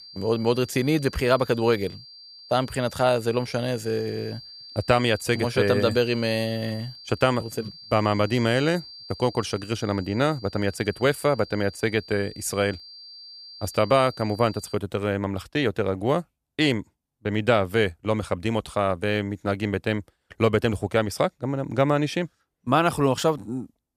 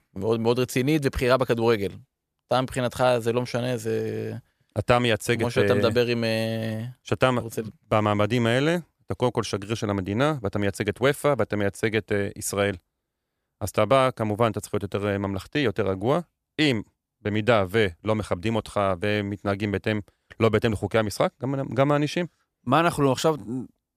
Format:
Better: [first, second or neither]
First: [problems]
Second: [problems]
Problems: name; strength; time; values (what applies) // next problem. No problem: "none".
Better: second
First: high-pitched whine; noticeable; until 15 s; 4.5 kHz, 15 dB below the speech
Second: none